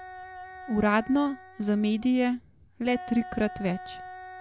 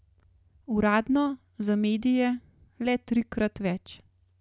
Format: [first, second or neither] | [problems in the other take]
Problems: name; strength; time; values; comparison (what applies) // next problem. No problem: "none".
second | background sound (Wind instrument, woodwind instrument); 15 dB below the speech